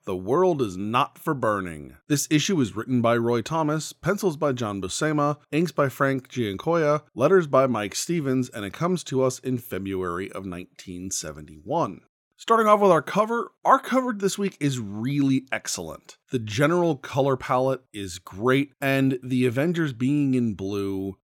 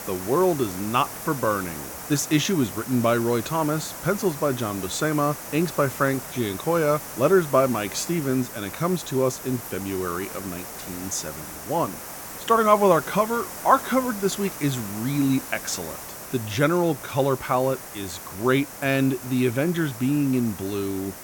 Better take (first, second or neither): first